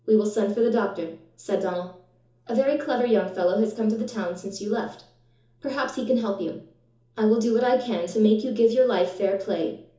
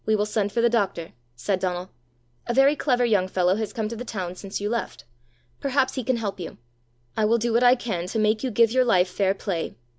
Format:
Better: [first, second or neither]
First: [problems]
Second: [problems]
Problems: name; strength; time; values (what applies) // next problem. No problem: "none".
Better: second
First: room echo; dies away in 0.7 s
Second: none